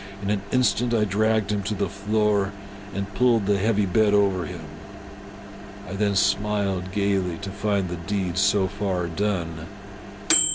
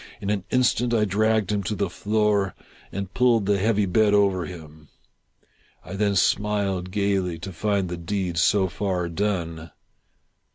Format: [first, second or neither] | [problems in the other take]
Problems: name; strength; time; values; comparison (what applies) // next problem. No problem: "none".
second | background sound (Microwave oven); 9 dB below the speech